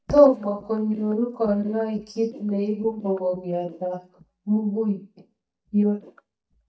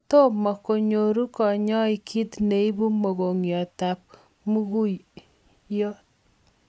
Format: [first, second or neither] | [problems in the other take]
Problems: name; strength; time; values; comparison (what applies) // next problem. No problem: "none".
second | noise reduction (neural mask model DeepFilterNet 3)